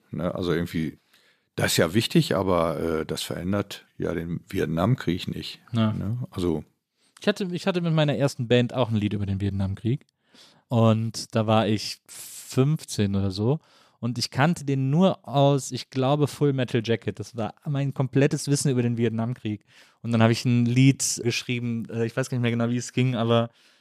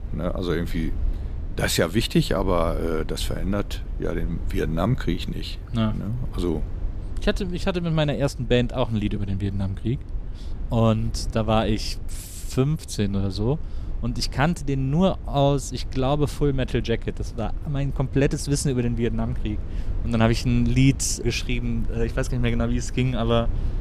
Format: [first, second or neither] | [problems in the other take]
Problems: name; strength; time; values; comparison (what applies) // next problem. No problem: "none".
first | low rumble; faint; throughout; 20 dB below the speech